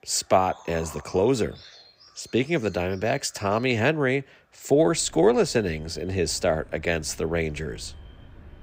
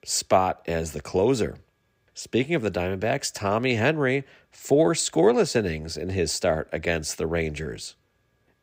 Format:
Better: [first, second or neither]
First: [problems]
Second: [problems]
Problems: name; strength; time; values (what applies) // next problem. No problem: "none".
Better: second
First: animal sounds; faint; throughout; 25 dB below the speech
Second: none